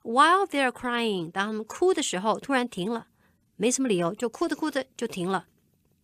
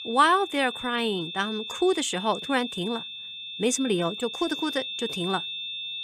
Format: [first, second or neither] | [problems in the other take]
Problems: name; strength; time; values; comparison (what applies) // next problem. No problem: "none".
first | high-pitched whine; loud; throughout; 3.5 kHz, 7 dB below the speech